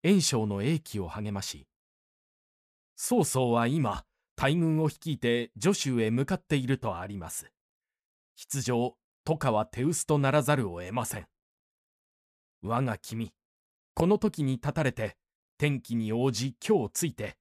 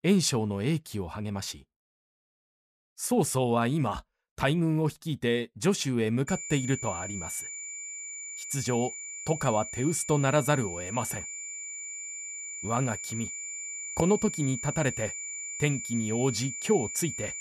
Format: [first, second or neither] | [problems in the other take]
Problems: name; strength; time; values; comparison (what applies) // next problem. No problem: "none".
first | high-pitched whine; loud; from 6.5 s on; 7 kHz, 6 dB below the speech